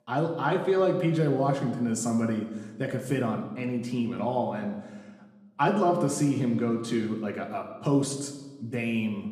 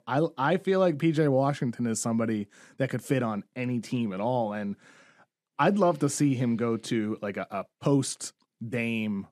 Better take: second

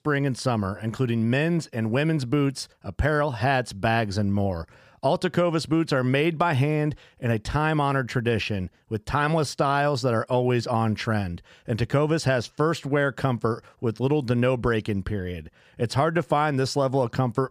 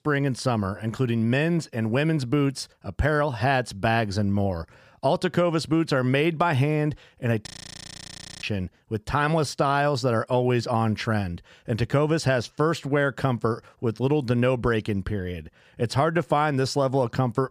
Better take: first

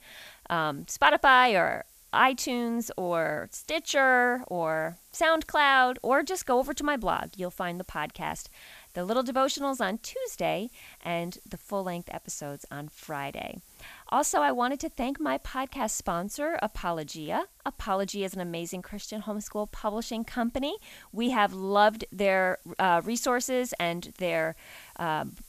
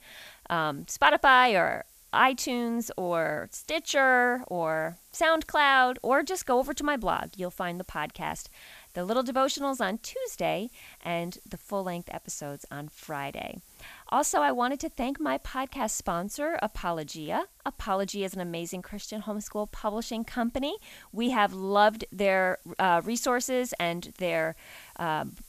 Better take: neither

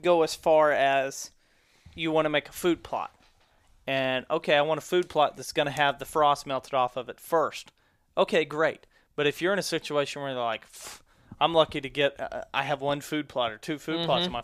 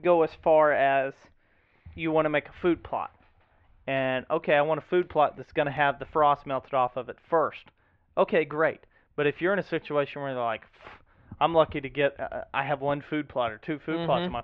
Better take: first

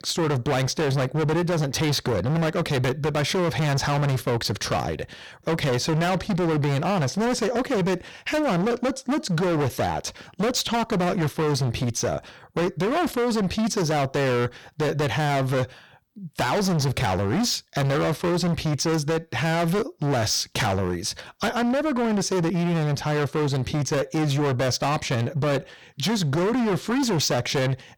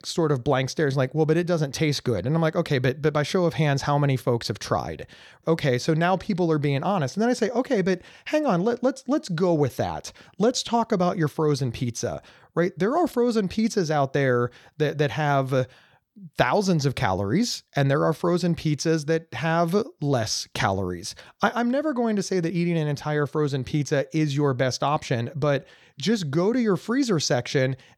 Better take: second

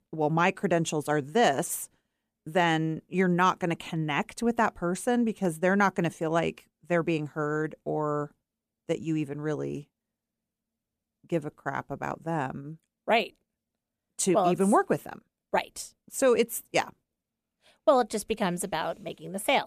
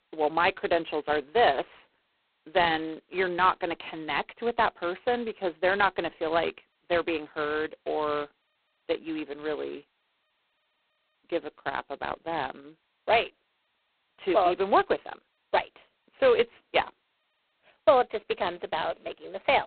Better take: first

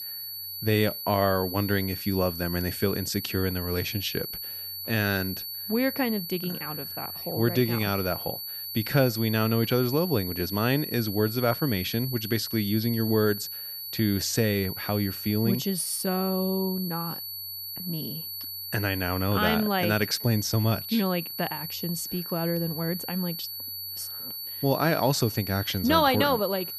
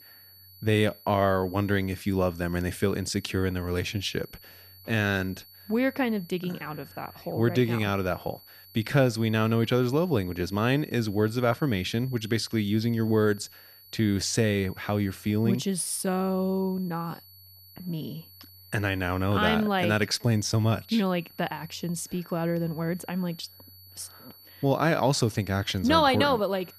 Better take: second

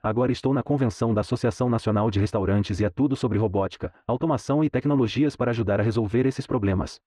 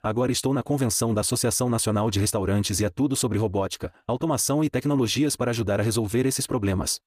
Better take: second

